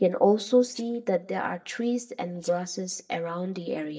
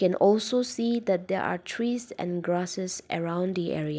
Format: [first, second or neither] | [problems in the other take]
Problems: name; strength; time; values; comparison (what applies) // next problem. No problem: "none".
second | noise reduction (neural mask model DeepFilterNet 3)